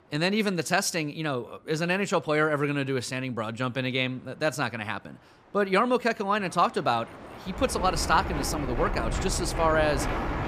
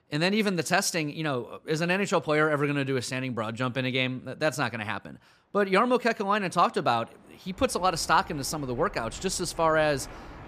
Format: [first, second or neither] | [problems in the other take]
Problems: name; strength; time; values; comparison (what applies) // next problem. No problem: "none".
second | train or aircraft noise; loud; throughout; 6 dB below the speech; faint in the second